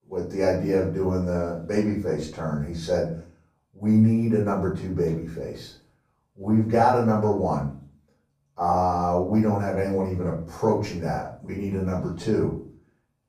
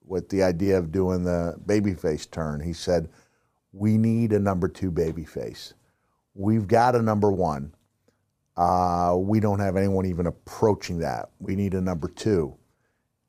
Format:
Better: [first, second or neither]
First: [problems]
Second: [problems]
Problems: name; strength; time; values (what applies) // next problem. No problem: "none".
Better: second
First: room echo; noticeable; dies away in 0.4 s // off-mic speech; far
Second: none